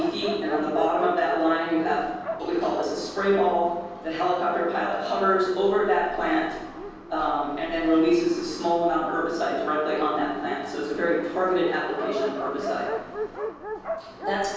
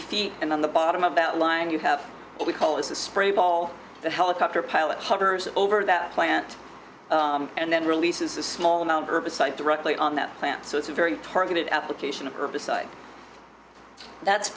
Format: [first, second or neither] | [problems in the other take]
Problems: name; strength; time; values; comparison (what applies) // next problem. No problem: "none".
second | background sound (Dog); 11 dB below the speech // room echo; dies away in 1.3 s